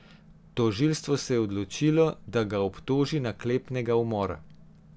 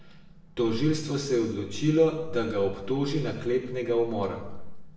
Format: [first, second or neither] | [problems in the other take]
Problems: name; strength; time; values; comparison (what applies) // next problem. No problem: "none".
first | room echo; dies away in 0.9 s